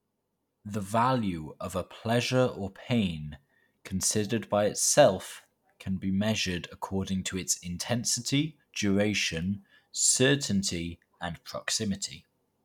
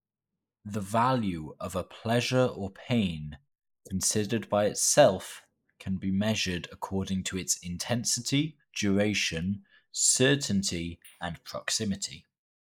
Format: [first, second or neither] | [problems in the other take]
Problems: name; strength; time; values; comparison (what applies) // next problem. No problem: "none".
first | noise reduction (neural mask model Resemble Enhance denoiser)